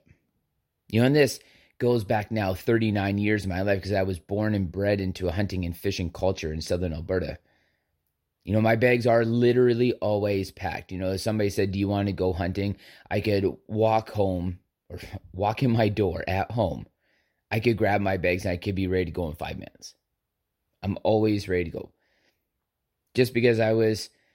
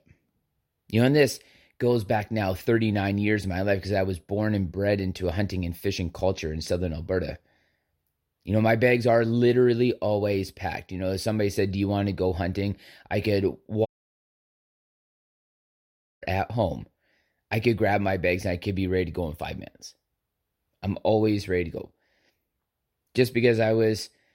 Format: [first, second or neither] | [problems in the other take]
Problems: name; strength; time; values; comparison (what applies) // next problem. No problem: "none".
first | audio cutting out; at 14 s for 2.5 s